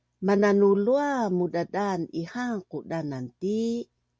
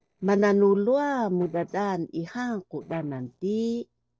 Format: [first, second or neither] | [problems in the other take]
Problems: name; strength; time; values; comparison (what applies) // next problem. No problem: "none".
first | noise reduction (neural separator model SepFormer DNS4)